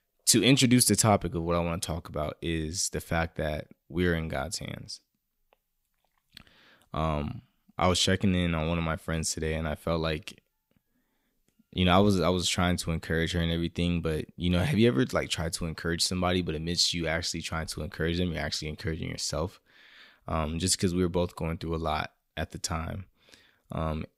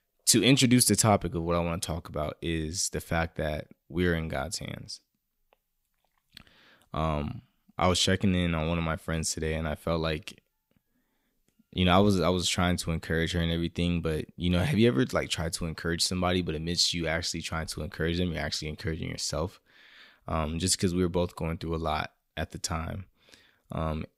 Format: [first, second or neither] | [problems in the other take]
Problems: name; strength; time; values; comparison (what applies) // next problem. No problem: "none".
neither | none